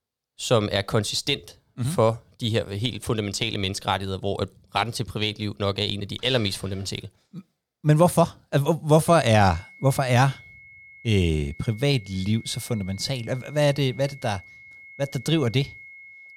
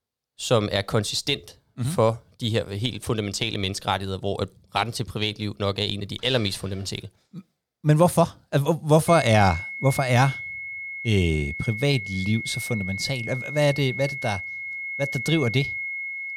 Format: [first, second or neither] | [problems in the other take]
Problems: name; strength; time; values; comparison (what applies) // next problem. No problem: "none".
first | high-pitched whine; loud; from 9 s on; 2 kHz, 6 dB below the speech; faint in the first